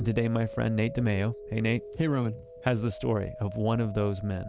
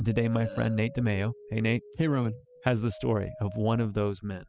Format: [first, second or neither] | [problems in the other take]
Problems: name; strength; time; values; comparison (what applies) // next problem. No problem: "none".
first | noise reduction (classical method spectral subtraction)